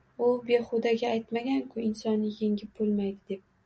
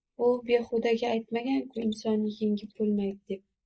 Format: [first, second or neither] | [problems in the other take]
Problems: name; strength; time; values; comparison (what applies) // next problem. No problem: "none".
first | noise reduction (neural mask model Resemble Enhance denoiser)